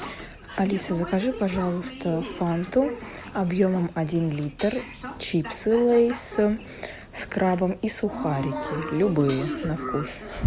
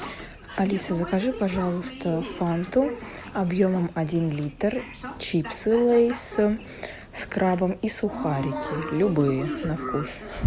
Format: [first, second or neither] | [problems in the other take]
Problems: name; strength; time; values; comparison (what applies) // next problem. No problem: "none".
second | background sound (Hi-hat); 20 dB below the speech